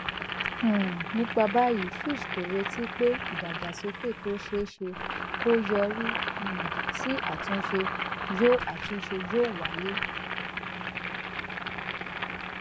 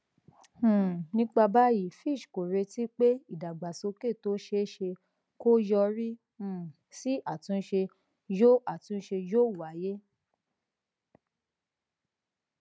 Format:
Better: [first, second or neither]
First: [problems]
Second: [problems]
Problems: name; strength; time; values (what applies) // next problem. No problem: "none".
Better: second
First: background sound (Boiling); 3 dB below the speech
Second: none